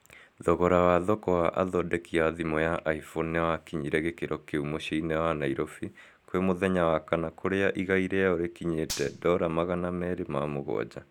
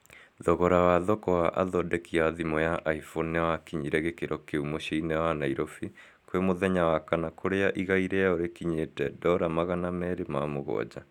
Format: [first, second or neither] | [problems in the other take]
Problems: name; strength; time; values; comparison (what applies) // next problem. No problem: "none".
second | background sound (Gunshot, gunfire); 14 dB below the speech